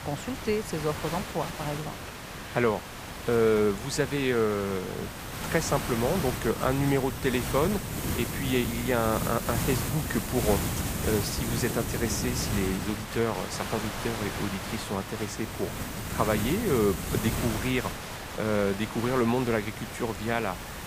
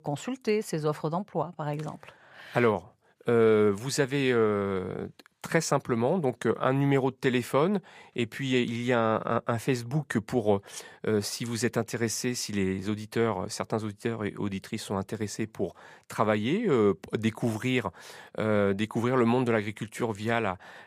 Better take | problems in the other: second | hiss; loud; throughout; 4 dB below the speech

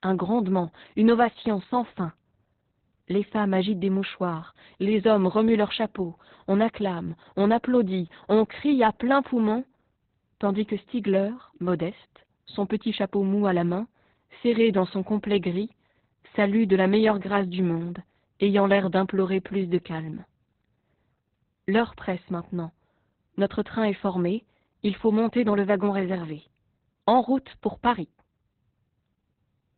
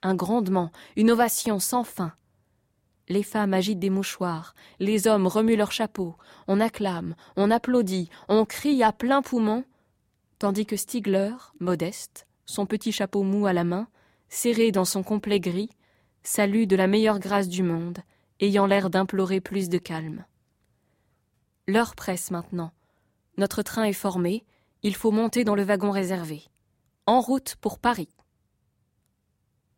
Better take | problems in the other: second | garbled, watery; badly; nothing above 4 kHz

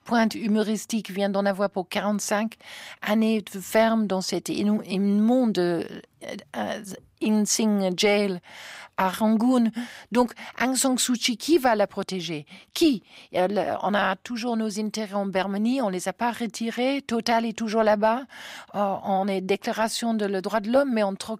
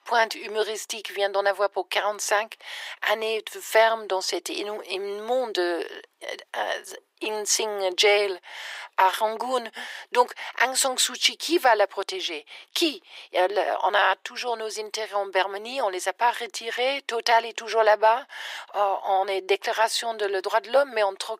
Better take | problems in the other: first | thin; very; fading below 350 Hz

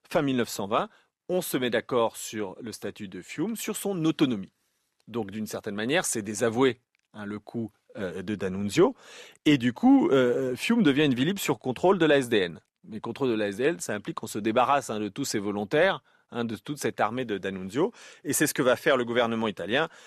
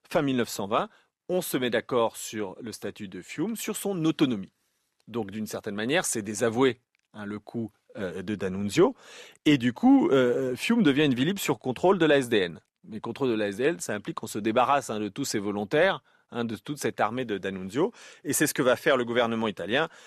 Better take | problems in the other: neither | none

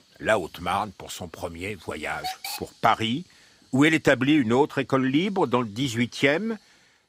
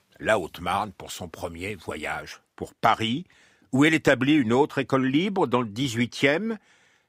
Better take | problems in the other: second | hiss; noticeable; throughout; 10 dB below the speech

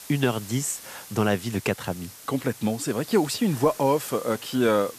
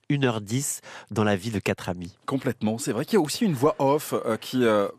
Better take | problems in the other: second | hiss; noticeable; throughout; 15 dB below the speech

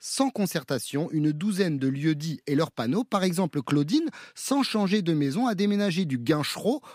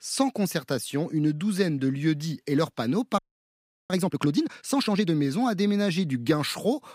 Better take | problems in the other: first | audio freezing; at 3 s for 0.5 s

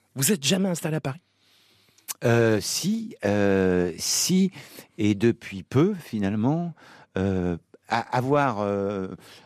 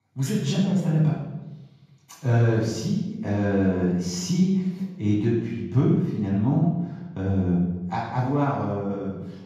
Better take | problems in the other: first | room echo; strong; dies away in 1.3 s // off-mic speech; far

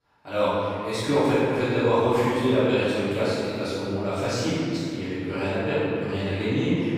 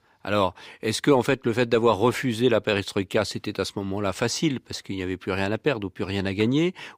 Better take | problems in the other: second | off-mic speech; far // room echo; strong; dies away in 2.3 s

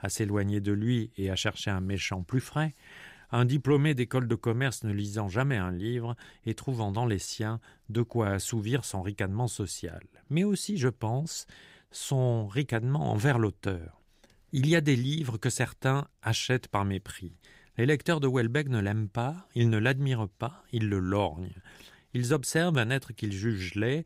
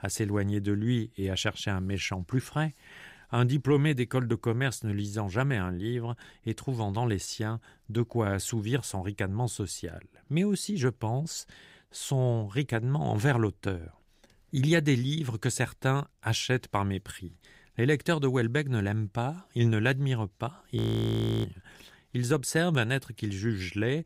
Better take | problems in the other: first | audio freezing; at 21 s for 0.5 s

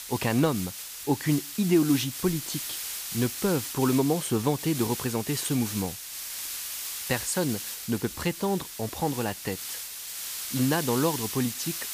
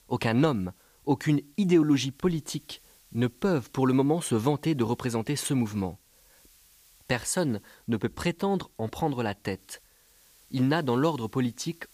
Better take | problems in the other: second | hiss; loud; throughout; 5 dB below the speech; faint in the second

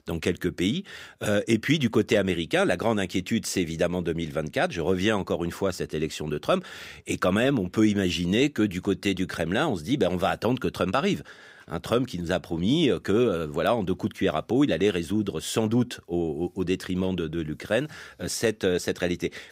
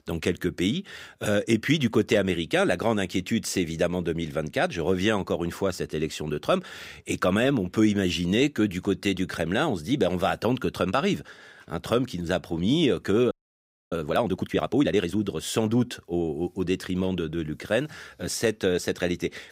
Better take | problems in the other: first | audio freezing; at 13 s for 0.5 s

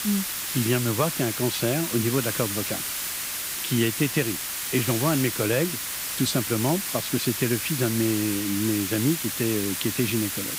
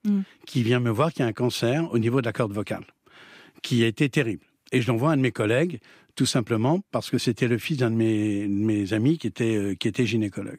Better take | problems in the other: second | hiss; loud; throughout; 2 dB below the speech

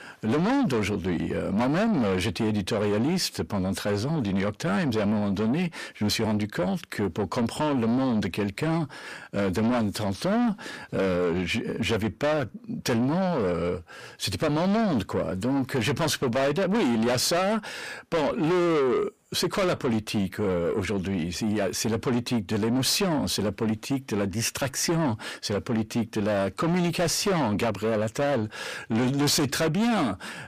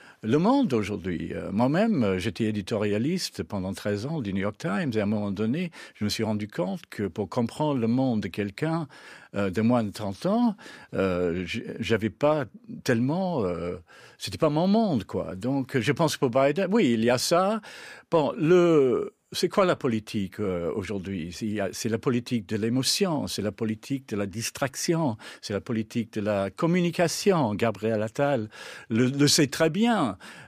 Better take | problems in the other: second | distortion; heavy; 6 dB below the speech

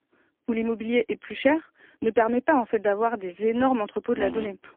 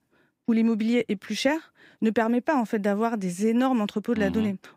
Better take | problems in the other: second | phone-call audio; poor line; nothing above 3.5 kHz

